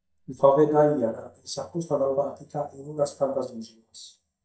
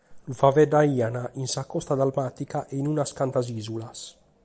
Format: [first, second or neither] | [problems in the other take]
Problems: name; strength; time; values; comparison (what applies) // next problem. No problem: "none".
second | noise reduction (neural mask model DeepFilterNet 3)